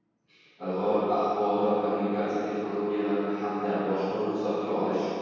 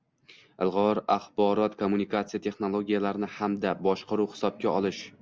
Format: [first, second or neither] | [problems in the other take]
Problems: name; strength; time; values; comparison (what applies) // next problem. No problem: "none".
second | room echo; dies away in 2.2 s